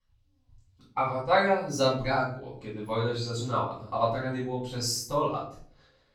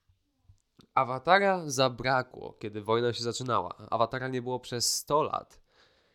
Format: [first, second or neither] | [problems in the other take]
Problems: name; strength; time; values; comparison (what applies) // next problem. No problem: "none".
second | room echo; noticeable; dies away in 0.6 s // off-mic speech; far